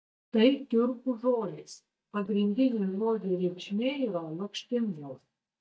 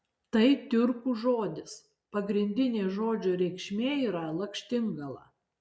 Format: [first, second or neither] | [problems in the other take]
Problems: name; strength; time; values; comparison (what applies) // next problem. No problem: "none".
second | noise reduction (neural mask model DeepFilterNet 3)